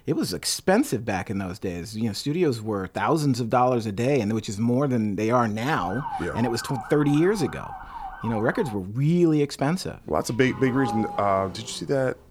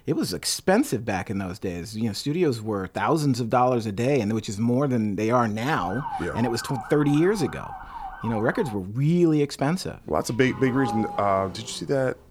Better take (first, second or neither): neither